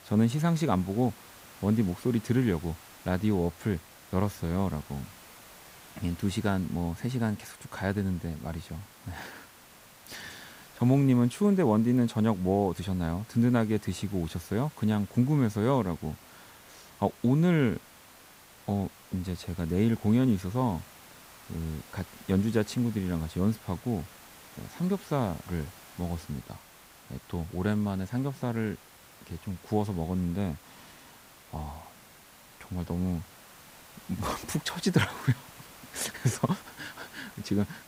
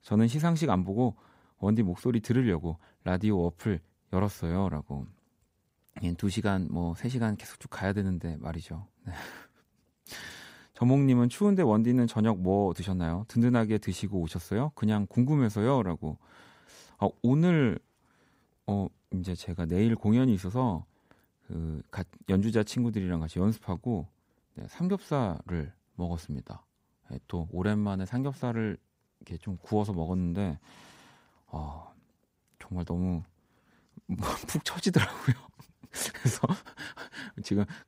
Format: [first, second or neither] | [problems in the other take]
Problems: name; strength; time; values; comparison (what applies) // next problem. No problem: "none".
second | hiss; faint; throughout; 20 dB below the speech